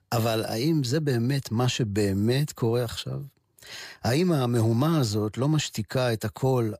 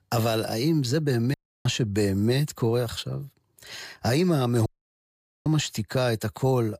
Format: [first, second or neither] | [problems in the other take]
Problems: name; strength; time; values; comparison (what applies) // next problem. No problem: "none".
first | audio cutting out; at 1.5 s and at 4.5 s for 1 s